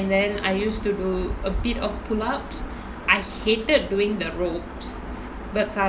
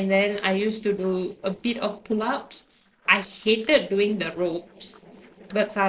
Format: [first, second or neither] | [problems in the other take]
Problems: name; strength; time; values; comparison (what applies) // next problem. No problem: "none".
first | noise reduction (neural separator model SepFormer DNS4)